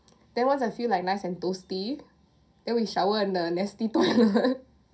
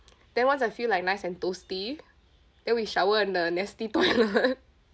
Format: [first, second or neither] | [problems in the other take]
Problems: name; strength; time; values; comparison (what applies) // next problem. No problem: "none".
second | room echo; dies away in 0.3 s